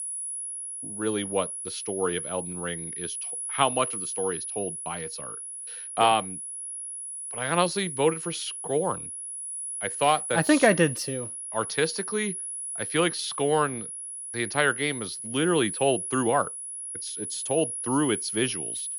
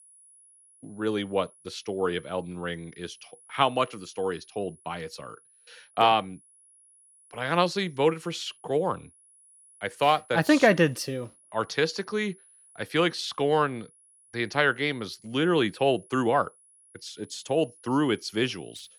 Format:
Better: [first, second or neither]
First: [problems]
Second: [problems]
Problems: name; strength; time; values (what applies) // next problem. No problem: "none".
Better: second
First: high-pitched whine; loud; throughout; 10.5 kHz, 5 dB below the speech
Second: high-pitched whine; faint; throughout; 10.5 kHz, 30 dB below the speech